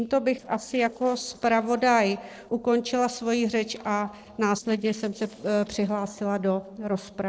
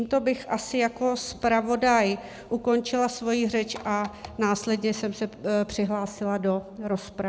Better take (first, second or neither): second